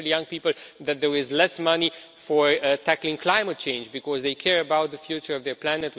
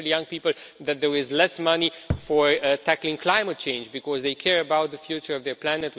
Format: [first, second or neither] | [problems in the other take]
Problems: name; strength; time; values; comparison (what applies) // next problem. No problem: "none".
first | background sound (Thump, thud); 7 dB below the speech